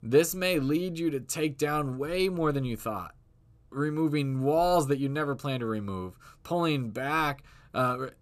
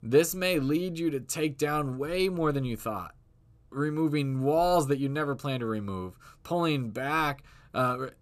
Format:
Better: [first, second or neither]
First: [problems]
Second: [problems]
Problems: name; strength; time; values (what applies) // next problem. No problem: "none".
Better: neither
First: none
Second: none